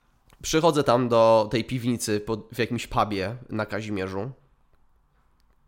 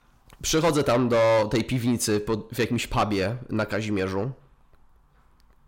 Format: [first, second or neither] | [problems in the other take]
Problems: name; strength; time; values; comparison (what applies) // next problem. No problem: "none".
first | distortion; heavy; 8 dB below the speech